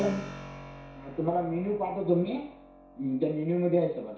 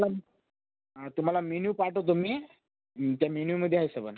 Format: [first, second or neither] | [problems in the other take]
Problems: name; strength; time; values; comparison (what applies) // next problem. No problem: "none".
second | background sound (Keyboard (musical)); 15 dB below the speech // room echo; dies away in 0.6 s